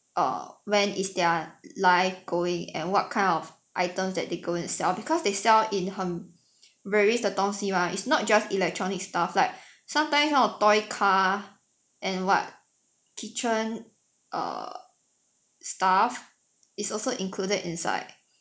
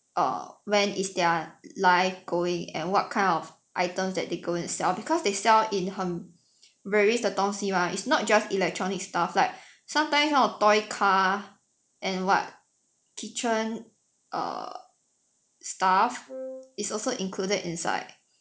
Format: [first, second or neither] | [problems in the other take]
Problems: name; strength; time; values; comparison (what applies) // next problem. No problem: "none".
first | noise reduction (neural separator model SepFormer DNS4)